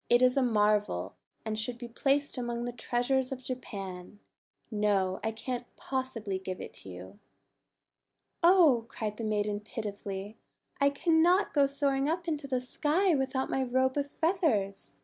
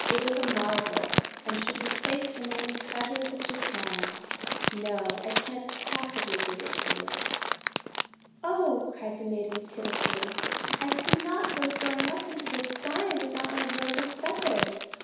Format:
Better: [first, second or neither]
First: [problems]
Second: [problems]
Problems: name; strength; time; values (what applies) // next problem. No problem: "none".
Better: first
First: none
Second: background sound (Crumpling, crinkling); 1 dB above the speech // room echo; dies away in 1 s